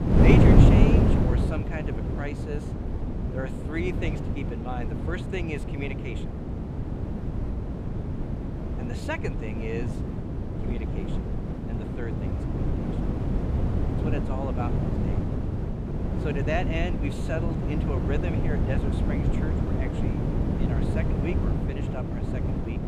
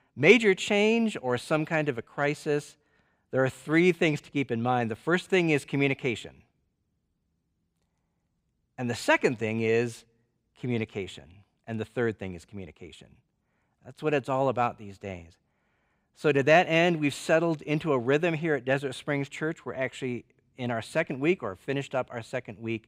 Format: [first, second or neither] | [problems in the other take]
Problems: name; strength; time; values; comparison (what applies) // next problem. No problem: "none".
second | wind noise on the microphone; heavy; 1 dB above the speech